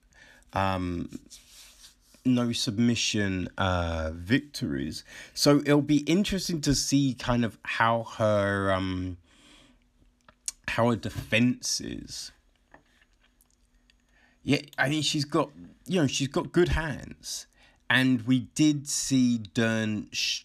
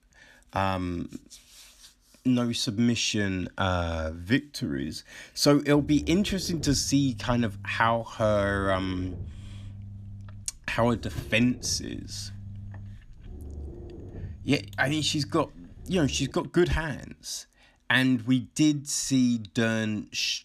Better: first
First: none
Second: low rumble; faint; from 6 to 16 s; 25 dB below the speech

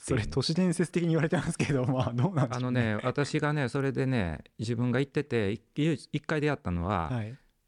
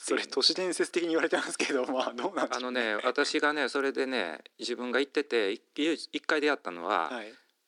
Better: first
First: none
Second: thin; somewhat; fading below 300 Hz

